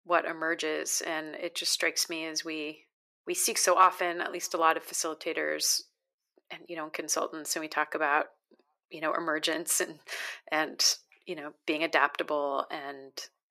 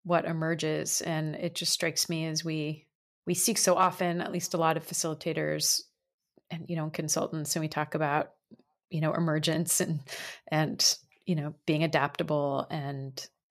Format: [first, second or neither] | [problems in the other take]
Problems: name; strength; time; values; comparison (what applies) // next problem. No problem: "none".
second | thin; very; fading below 350 Hz